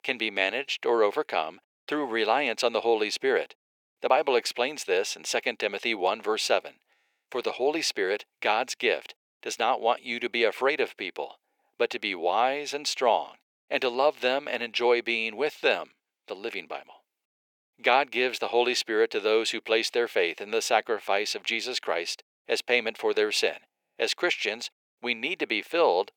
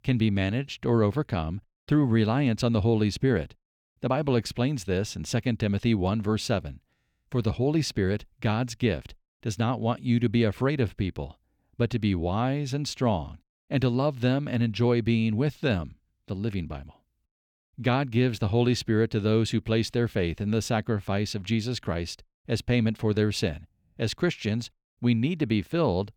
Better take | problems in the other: second | thin; very; fading below 450 Hz

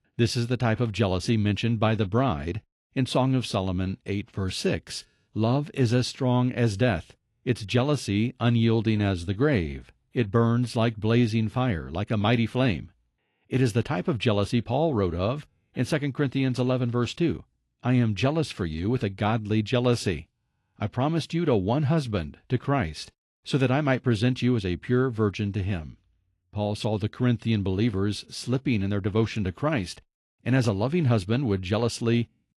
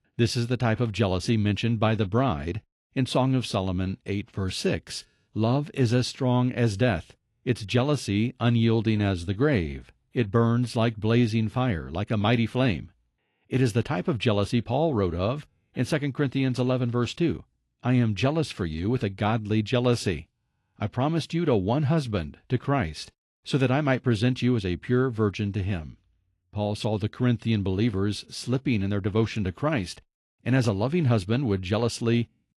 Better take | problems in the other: neither | garbled, watery; slightly; nothing above 11 kHz; the same in both

